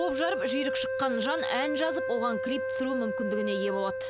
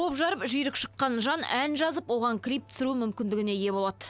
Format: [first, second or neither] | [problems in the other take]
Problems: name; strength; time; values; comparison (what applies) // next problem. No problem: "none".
second | background sound (Wind instrument, woodwind instrument); as loud as the speech